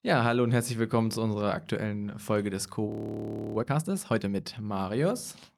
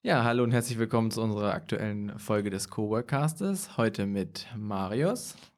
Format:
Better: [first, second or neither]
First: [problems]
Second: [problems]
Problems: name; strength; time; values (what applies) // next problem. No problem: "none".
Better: second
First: audio freezing; at 3 s for 0.5 s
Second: none